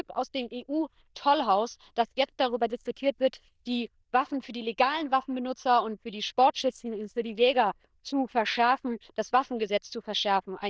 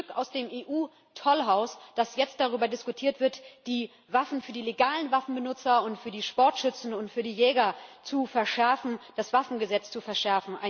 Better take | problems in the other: second | noise reduction (neural diffusion model UNIVERSE++)

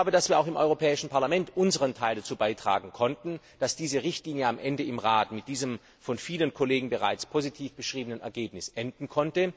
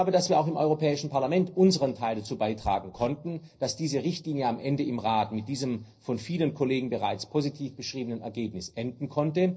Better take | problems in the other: first | noise reduction (neural separator model SepFormer DNS4)

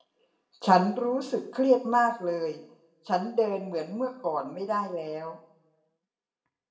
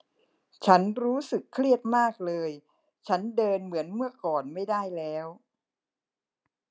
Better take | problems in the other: second | room echo; dies away in 0.6 s

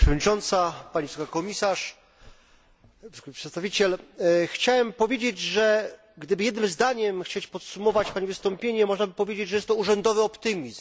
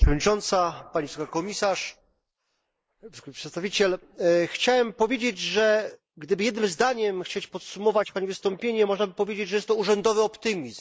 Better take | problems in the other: first | noise reduction (neural mask model Resemble Enhance denoiser)

